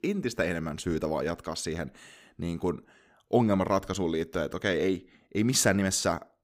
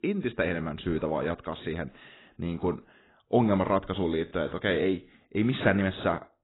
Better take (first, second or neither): first